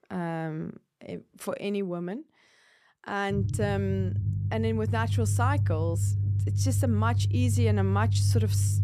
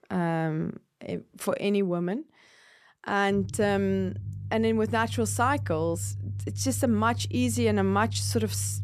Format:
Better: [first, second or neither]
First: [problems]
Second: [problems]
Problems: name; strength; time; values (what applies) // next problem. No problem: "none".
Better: second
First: low rumble; loud; from 3.5 s on; 9 dB below the speech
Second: low rumble; faint; from 3.5 s on; 20 dB below the speech